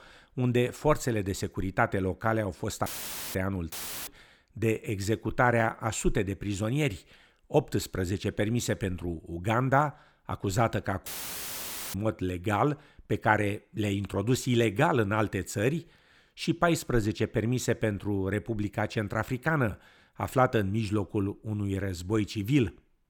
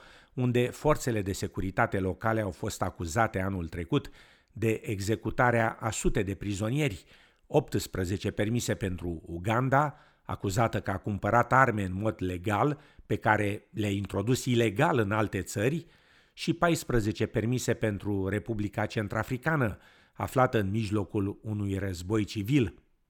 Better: second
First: audio cutting out; filled with static; at 3 s, at 3.5 s and at 11 s for 1 s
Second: none

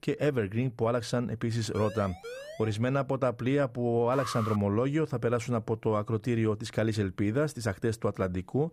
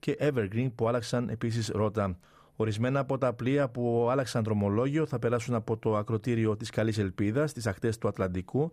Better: second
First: siren; faint; at 1.5 s; peak 10 dB below the speech // alarm; noticeable; at 4 s; peak 7 dB below the speech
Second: none

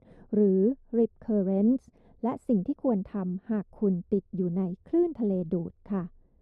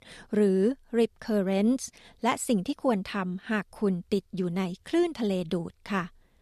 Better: second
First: muffled; very; fading above 1.5 kHz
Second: none

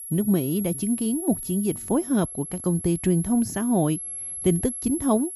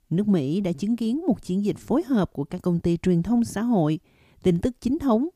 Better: second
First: high-pitched whine; loud; throughout; 11 kHz, 7 dB below the speech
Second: none

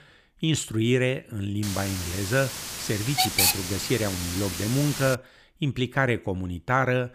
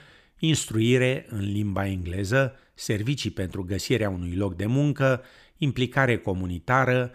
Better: second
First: hiss; loud; from 1.5 to 5 s; 1 dB below the speech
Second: none

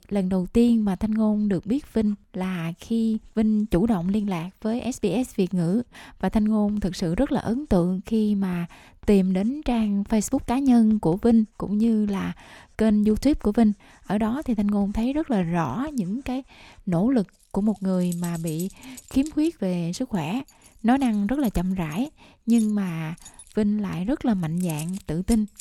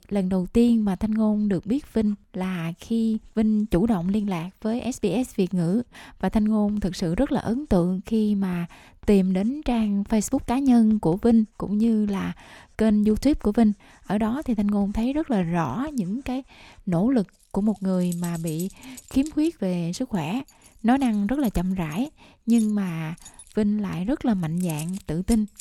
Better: neither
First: household noises; faint; throughout; 25 dB below the speech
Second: household noises; faint; throughout; 25 dB below the speech

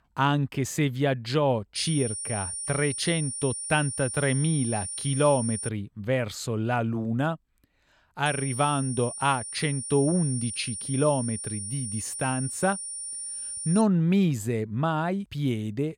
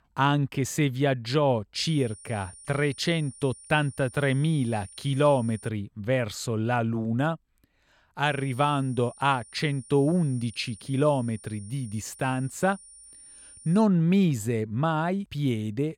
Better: second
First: high-pitched whine; loud; from 2 to 5.5 s and from 8.5 to 14 s; 9.5 kHz, 6 dB below the speech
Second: high-pitched whine; faint; from 2 to 5.5 s and from 8.5 to 14 s; 9.5 kHz, 20 dB below the speech

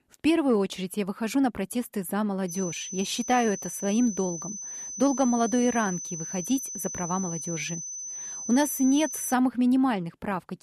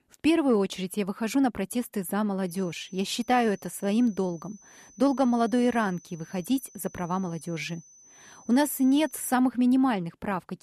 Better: second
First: high-pitched whine; loud; from 2.5 to 9.5 s; 6 kHz, 7 dB below the speech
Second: high-pitched whine; faint; from 2.5 to 9.5 s; 6 kHz, 25 dB below the speech

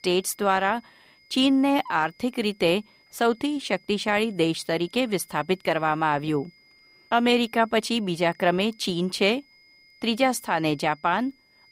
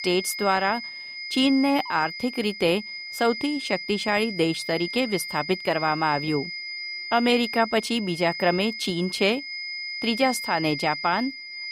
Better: first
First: high-pitched whine; faint; throughout; 2 kHz, 30 dB below the speech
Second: high-pitched whine; loud; throughout; 2 kHz, 8 dB below the speech

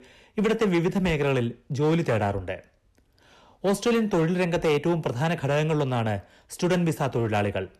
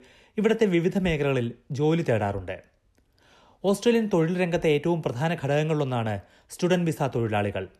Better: second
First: distortion; slight; 8% of the sound clipped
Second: none

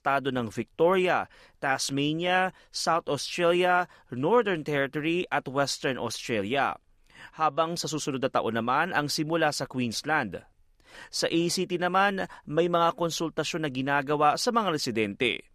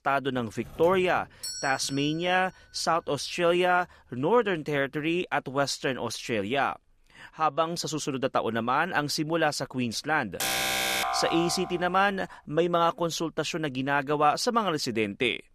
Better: first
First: none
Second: doorbell; noticeable; from 0.5 to 2 s; peak 7 dB below the speech // alarm; loud; from 10 to 12 s; peak 2 dB above the speech

